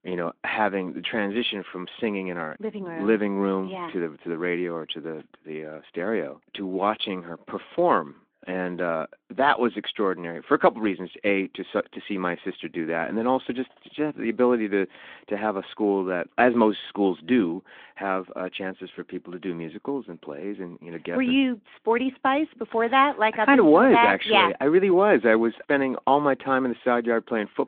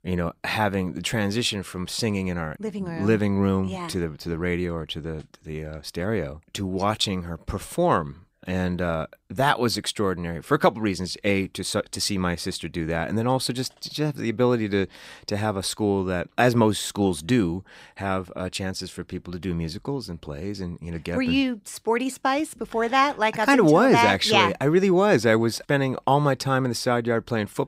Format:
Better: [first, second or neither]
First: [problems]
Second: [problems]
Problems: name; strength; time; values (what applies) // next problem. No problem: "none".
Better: second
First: phone-call audio; nothing above 3.5 kHz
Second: none